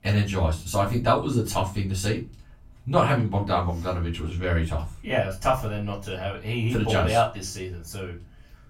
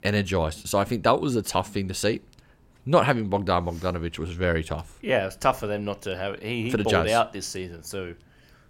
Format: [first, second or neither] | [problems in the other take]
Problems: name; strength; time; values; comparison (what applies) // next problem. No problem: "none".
second | off-mic speech; far // room echo; very slight; dies away in 0.3 s